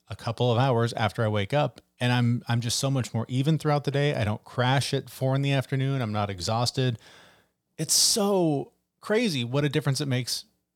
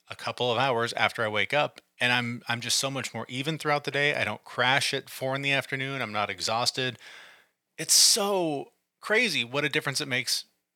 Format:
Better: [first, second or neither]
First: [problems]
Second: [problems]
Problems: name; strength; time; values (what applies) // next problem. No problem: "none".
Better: first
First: none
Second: thin; somewhat; fading below 600 Hz